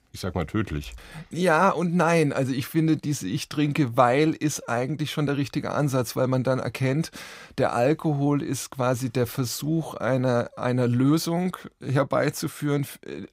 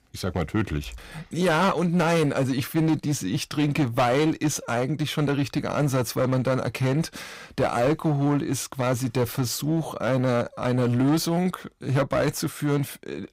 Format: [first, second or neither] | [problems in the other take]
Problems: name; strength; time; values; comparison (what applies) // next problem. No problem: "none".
first | distortion; slight; 9% of the sound clipped